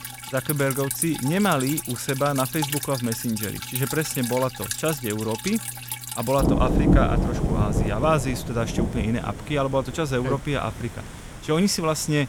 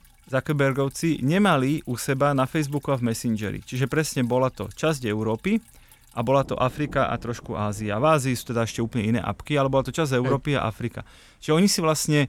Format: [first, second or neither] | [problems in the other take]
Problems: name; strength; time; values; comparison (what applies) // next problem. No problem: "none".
second | rain or running water; loud; throughout; 2 dB below the speech; faint in the second